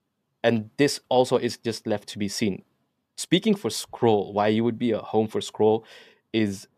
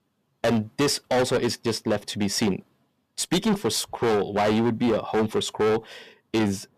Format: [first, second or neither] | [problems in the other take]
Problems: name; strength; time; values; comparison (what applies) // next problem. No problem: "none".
first | distortion; heavy; 14% of the sound clipped